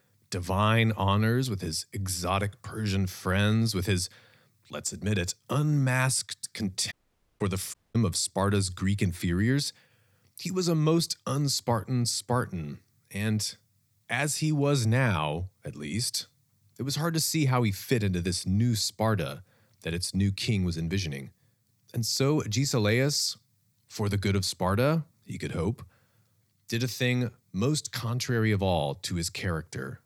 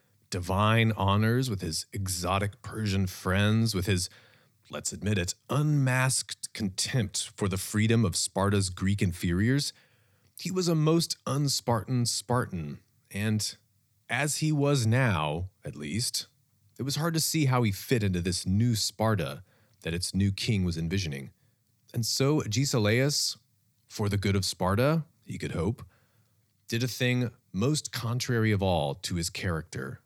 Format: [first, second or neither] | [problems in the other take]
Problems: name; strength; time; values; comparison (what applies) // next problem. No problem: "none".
second | audio cutting out; at 7 s and at 7.5 s